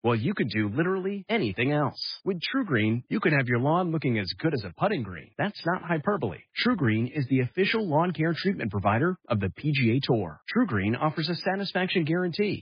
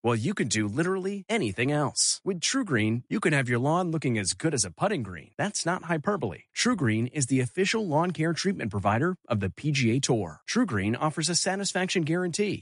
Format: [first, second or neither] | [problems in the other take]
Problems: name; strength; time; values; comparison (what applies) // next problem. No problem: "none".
second | garbled, watery; badly; slightly in the second